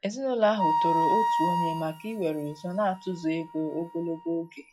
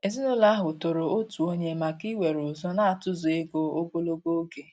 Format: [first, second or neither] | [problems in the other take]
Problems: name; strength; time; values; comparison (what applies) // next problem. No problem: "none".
second | noise reduction (classical method log-MMSE)